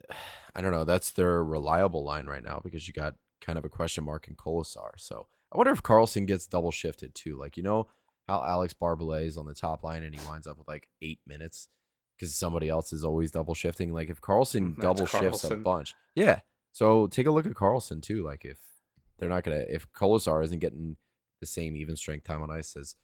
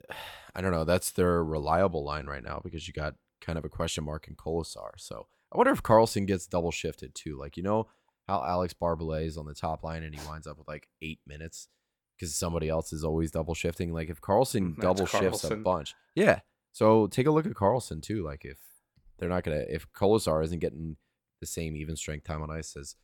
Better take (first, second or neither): second